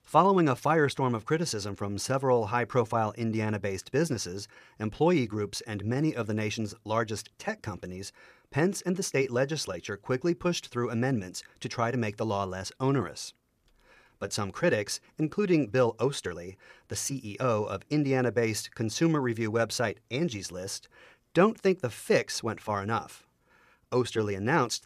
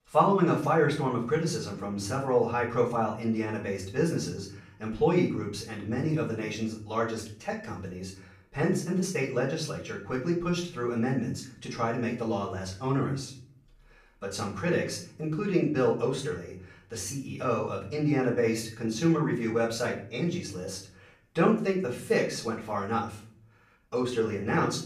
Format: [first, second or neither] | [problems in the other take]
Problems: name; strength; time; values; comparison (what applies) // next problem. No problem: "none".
first | off-mic speech; far // room echo; slight; dies away in 0.5 s